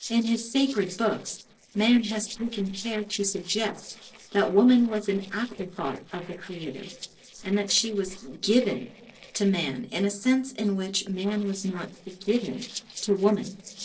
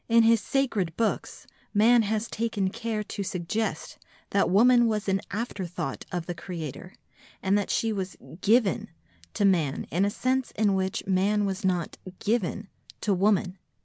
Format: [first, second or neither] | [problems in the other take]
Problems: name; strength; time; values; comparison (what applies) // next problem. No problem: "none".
second | noise reduction (neural separator model SepFormer DNS4)